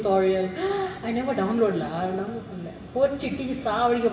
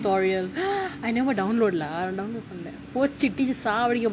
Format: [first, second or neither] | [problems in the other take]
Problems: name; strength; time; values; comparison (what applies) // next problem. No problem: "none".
second | room echo; dies away in 2.2 s